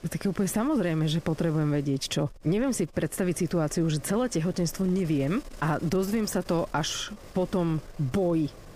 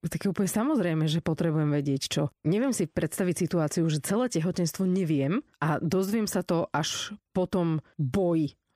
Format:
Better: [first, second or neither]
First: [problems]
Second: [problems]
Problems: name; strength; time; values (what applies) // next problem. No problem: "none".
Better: second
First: wind noise on the microphone; occasional gusts; 20 dB below the speech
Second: none